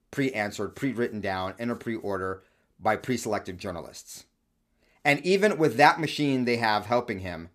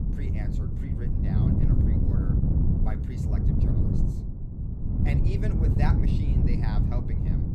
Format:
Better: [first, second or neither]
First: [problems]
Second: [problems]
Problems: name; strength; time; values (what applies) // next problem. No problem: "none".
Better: first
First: none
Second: wind noise on the microphone; heavy; 5 dB above the speech